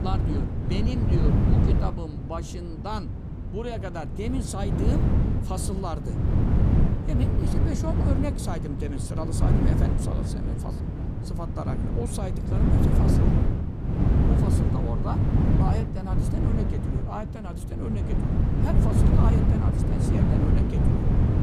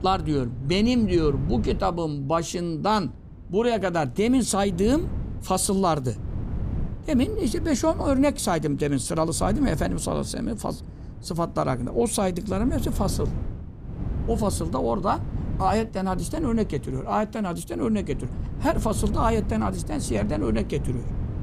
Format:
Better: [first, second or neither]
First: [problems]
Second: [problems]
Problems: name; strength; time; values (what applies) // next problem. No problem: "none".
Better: second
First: wind noise on the microphone; heavy; 2 dB above the speech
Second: wind noise on the microphone; occasional gusts; 15 dB below the speech